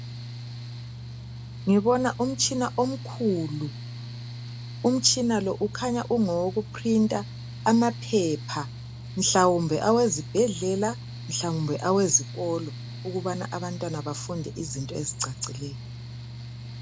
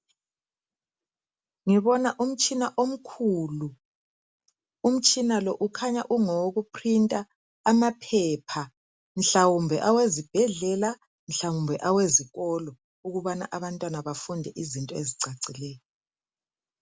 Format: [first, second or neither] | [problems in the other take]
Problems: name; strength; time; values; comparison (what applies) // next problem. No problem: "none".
second | background sound (Mechanical fan); 10 dB below the speech